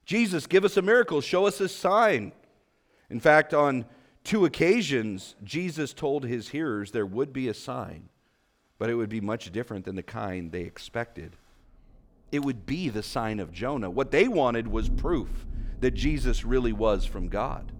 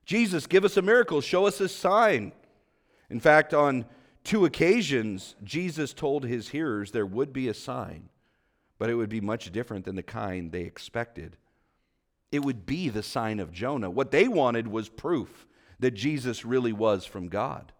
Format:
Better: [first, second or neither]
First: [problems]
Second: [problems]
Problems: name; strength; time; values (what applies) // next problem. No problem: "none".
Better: second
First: rain or running water; noticeable; throughout; 10 dB below the speech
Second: none